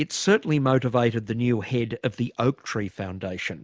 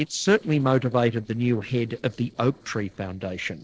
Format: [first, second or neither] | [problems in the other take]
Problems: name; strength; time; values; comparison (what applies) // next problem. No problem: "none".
first | noise reduction (neural separator model SepFormer DNS4)